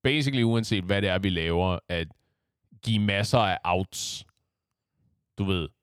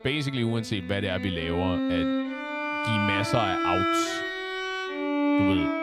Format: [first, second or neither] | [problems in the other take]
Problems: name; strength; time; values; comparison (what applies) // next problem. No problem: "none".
first | background music; very loud; throughout; 2 dB above the speech